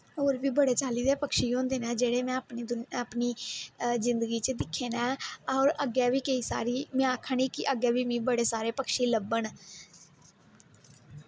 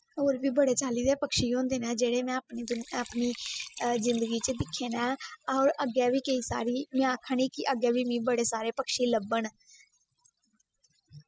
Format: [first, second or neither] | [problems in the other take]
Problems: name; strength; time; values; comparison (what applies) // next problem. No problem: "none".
first | noise reduction (classical method spectral subtraction)